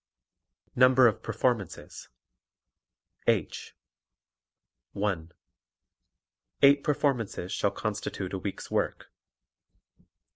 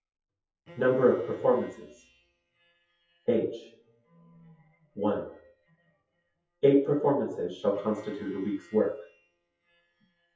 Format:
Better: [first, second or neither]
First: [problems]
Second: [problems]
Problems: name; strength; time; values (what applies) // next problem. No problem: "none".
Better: first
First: none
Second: noise reduction (classical method WPE with log-MMSE)